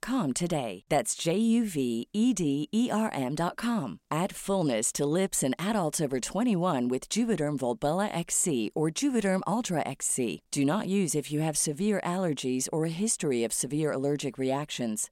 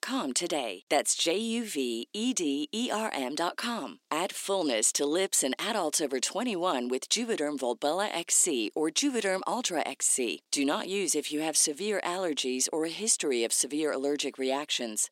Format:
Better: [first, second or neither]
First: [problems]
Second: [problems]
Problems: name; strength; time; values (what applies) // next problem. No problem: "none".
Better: first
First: none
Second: thin; very slightly; fading below 300 Hz